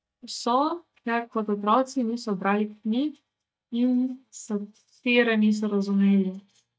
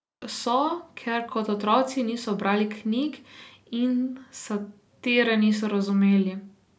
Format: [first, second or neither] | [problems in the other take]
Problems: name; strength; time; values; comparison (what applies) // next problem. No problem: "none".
second | noise reduction (neural mask model DeepFilterNet 3)